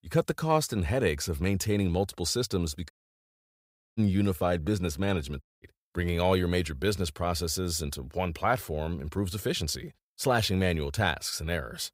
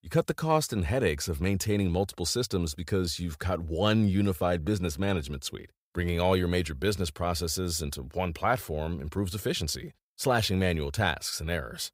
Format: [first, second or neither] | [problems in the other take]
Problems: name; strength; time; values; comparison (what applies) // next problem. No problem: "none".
second | audio cutting out; at 3 s for 1 s and at 5.5 s